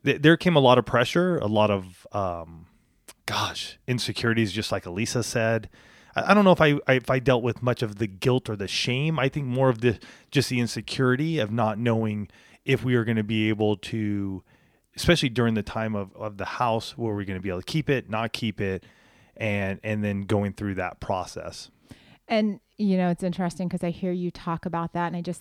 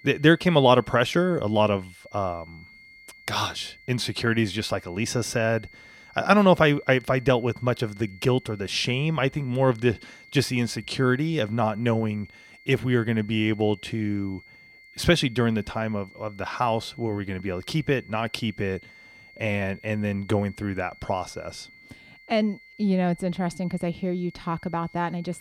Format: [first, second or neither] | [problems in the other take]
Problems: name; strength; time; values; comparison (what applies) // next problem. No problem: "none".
first | high-pitched whine; faint; throughout; 2 kHz, 25 dB below the speech